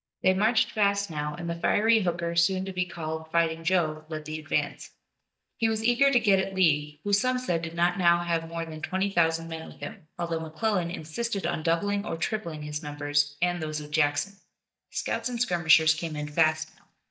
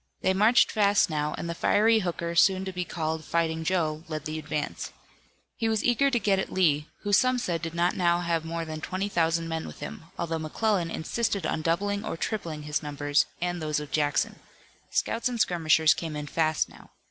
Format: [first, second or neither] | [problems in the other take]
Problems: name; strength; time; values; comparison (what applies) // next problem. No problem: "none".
second | noise reduction (neural mask model DeepFilterNet 3)